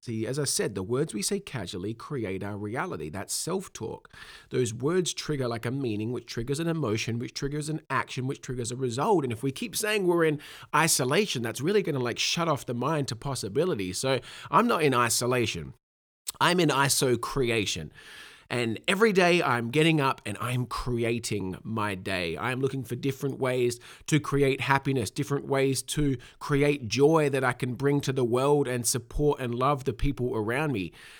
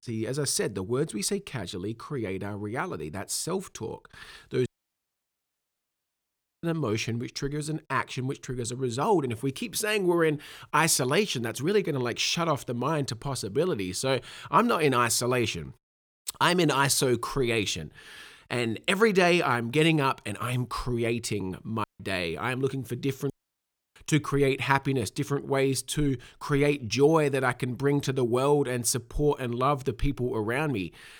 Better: first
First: none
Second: audio cutting out; at 4.5 s for 2 s, at 22 s and at 23 s for 0.5 s

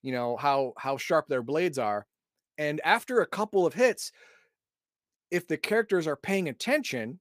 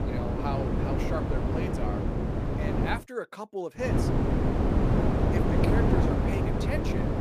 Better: first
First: none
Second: wind noise on the microphone; heavy; until 3 s and from 4 s on; 4 dB above the speech

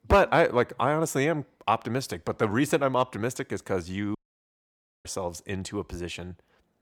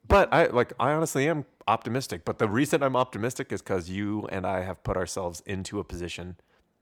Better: second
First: audio cutting out; at 4 s for 1 s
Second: none

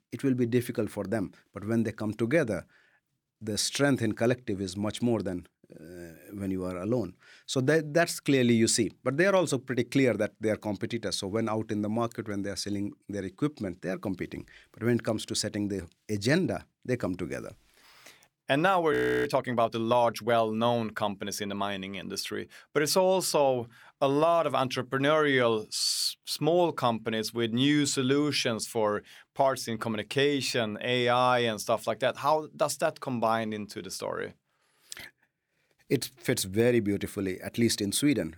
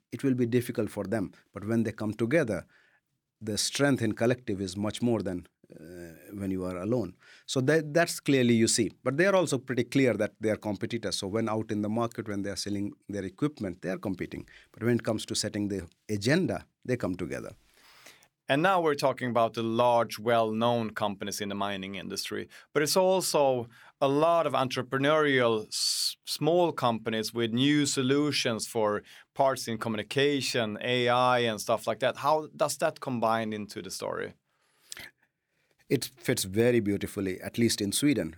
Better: second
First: audio freezing; at 19 s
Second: none

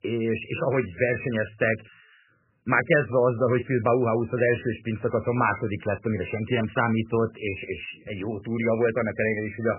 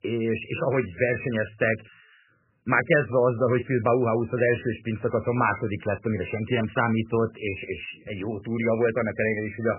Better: neither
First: garbled, watery; badly; nothing above 3 kHz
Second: garbled, watery; badly; nothing above 3 kHz

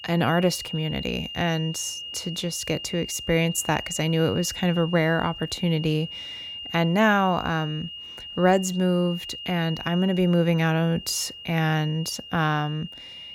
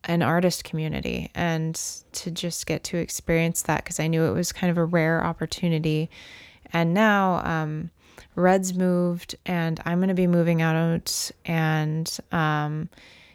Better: second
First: high-pitched whine; noticeable; throughout; 3 kHz, 10 dB below the speech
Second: none

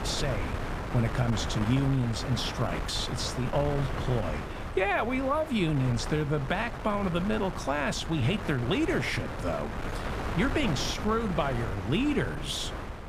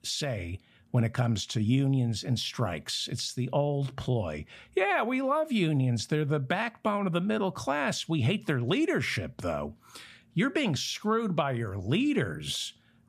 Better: second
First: wind noise on the microphone; heavy; 6 dB below the speech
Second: none

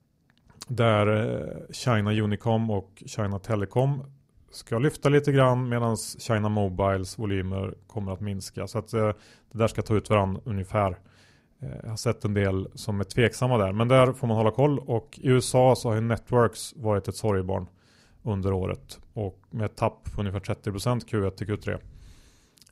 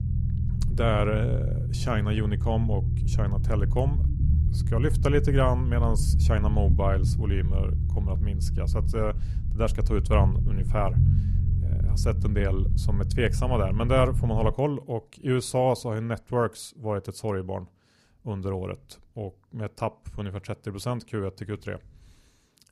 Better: first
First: none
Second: low rumble; noticeable; until 15 s; 10 dB below the speech

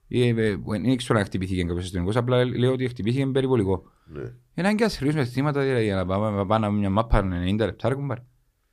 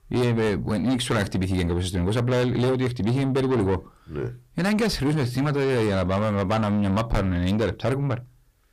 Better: first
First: none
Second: distortion; heavy; 7 dB below the speech

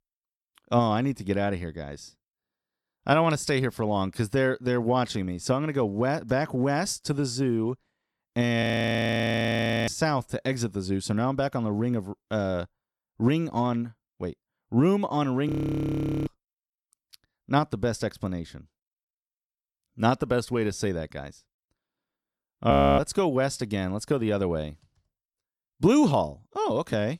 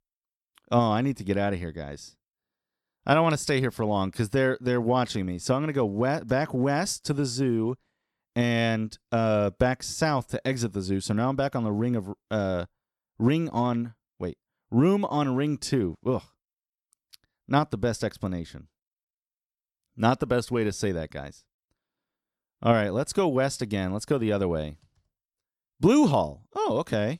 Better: second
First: audio freezing; at 8.5 s for 1.5 s, at 15 s for 1 s and at 23 s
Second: none

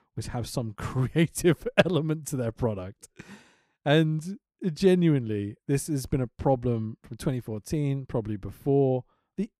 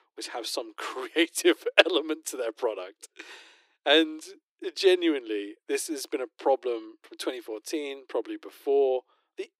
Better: first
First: none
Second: thin; very; fading below 300 Hz

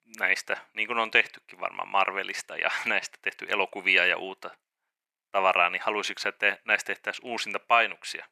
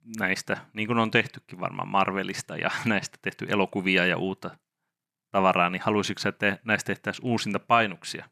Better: second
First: thin; very; fading below 550 Hz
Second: none

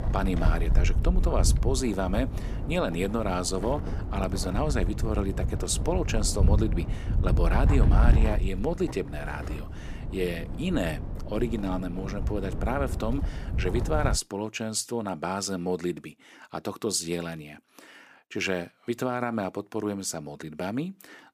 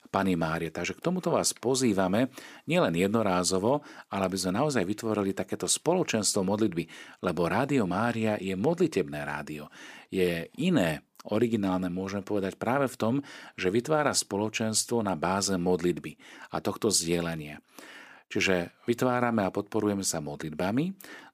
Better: second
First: wind noise on the microphone; occasional gusts; until 14 s; 10 dB below the speech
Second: none

